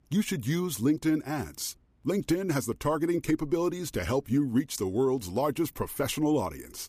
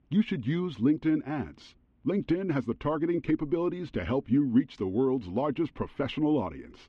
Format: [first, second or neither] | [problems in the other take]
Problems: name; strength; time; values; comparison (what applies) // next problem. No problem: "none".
first | muffled; very; fading above 3 kHz